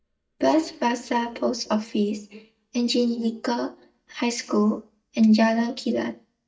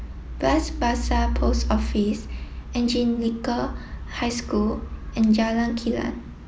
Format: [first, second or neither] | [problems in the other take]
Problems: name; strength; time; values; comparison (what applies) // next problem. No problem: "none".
second | noise reduction (neural mask model DeepFilterNet 3)